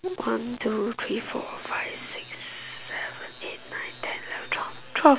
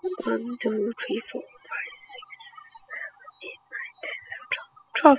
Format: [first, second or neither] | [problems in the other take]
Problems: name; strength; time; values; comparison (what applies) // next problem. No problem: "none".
first | noise reduction (classical method spectral subtraction)